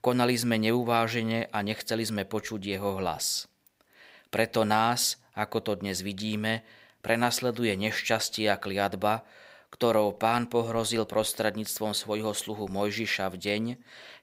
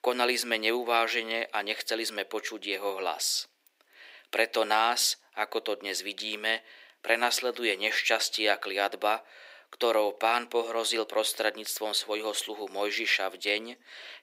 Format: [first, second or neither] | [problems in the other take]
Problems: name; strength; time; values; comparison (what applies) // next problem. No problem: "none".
first | thin; very; fading below 300 Hz